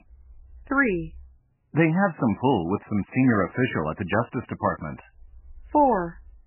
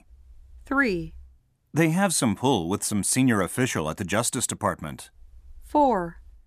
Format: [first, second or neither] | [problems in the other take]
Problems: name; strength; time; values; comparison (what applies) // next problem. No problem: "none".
second | garbled, watery; badly; nothing above 3 kHz